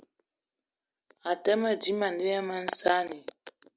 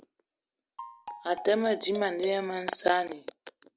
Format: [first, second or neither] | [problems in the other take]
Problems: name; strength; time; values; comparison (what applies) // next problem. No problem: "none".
first | background sound (Marimba, xylophone); 13 dB below the speech